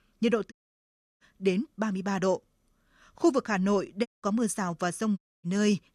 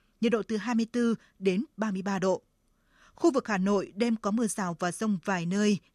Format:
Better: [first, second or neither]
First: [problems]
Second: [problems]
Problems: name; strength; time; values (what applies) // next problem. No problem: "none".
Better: second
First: audio cutting out; at 0.5 s for 0.5 s, at 4 s and at 5 s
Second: none